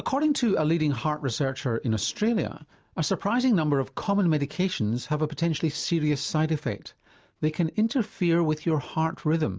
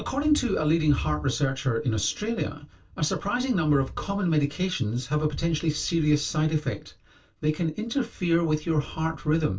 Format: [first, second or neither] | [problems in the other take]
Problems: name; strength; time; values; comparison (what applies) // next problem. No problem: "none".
first | background sound (Thunder); 16 dB below the speech // room echo; dies away in 0.2 s